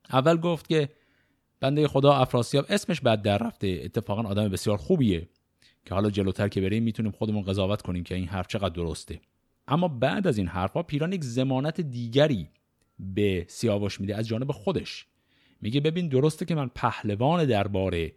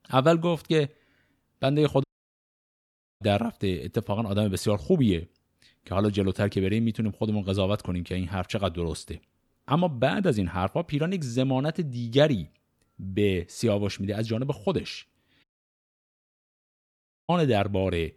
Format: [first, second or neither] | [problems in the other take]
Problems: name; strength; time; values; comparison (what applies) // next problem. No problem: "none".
first | audio cutting out; at 2 s for 1 s and at 15 s for 2 s